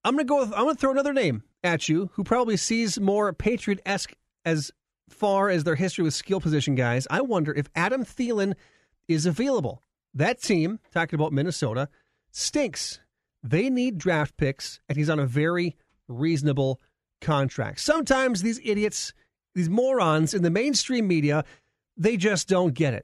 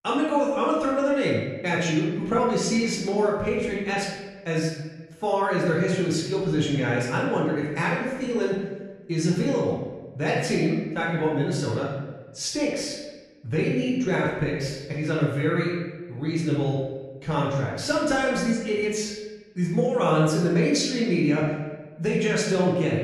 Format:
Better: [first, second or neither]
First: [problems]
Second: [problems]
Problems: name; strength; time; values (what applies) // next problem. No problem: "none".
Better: first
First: none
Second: room echo; noticeable; dies away in 1 s // off-mic speech; far